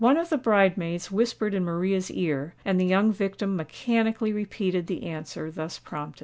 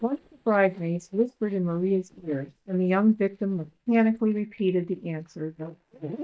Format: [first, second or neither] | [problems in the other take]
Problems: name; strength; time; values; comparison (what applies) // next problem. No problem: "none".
first | noise reduction (neural mask model DeepFilterNet 3)